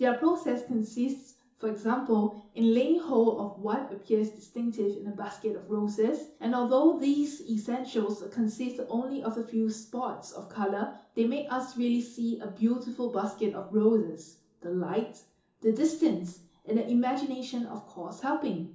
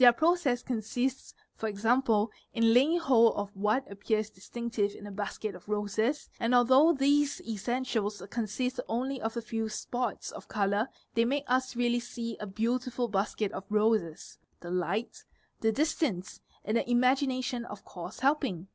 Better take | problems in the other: second | room echo; dies away in 0.7 s

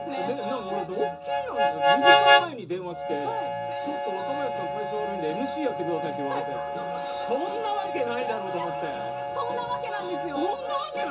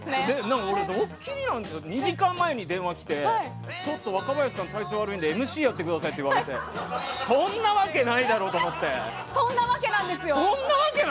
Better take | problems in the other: second | background sound (Harmonica); 5 dB above the speech // room echo; dies away in 0.2 s

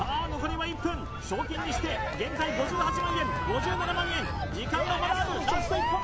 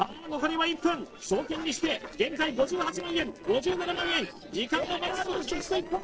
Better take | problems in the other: first | noise reduction (neural separator model SepFormer DNS4)

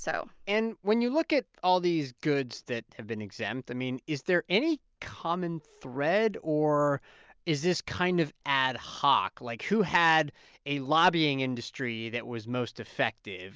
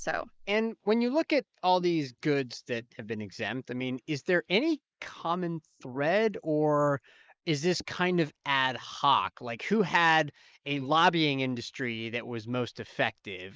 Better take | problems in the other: first | noise reduction (neural mask model Resemble Enhance denoiser)

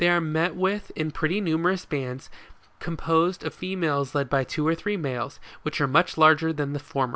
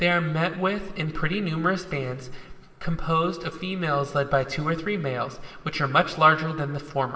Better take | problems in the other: first | room echo; dies away in 1.9 s

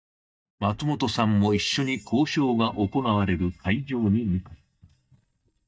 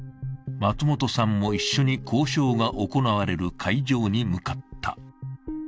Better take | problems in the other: second | noise reduction (neural mask model DeepFilterNet 3)

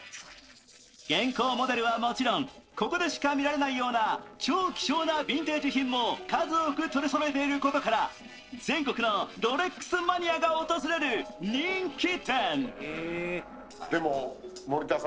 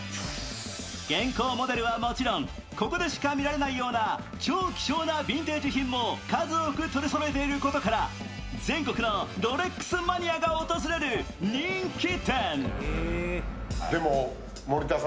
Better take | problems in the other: second | noise reduction (neural separator model SepFormer DNS4)

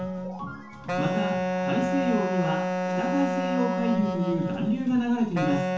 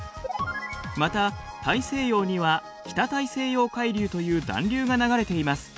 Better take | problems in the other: second | background sound (Wind instrument, woodwind instrument); as loud as the speech // room echo; dies away in 0.9 s

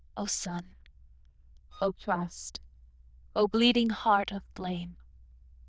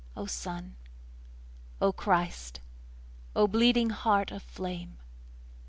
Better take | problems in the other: second | noise reduction (neural diffusion model UNIVERSE++)

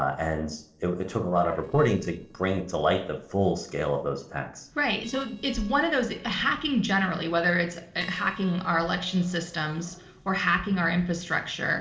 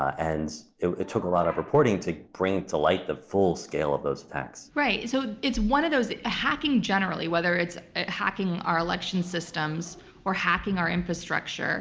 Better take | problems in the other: second | noise reduction (neural separator model SepFormer DNS4)

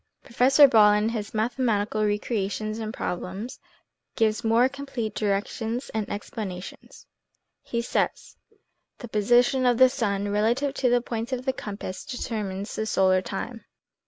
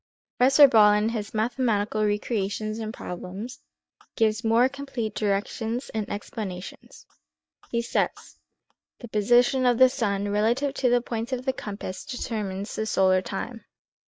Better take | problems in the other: first | noise reduction (neural mask model DeepFilterNet 3)

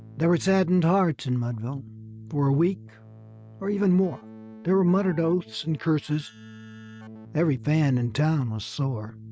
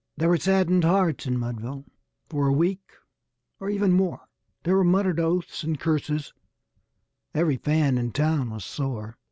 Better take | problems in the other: second | noise reduction (neural mask model RNNoise)

